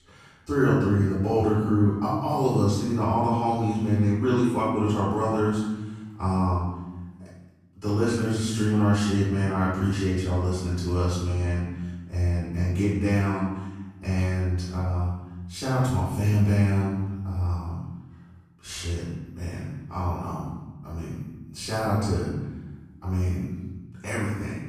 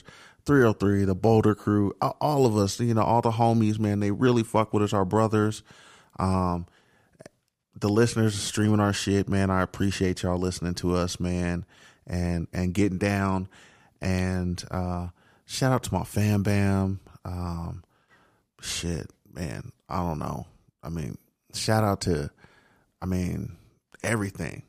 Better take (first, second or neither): second